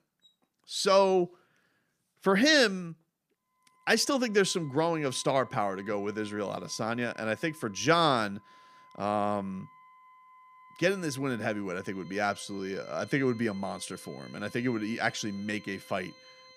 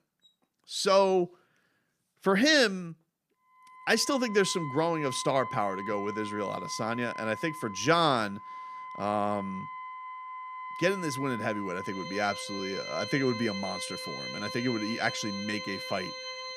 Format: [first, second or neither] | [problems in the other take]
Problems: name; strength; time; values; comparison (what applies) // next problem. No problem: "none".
first | background music; loud; from 4 s on; 9 dB below the speech; faint in the first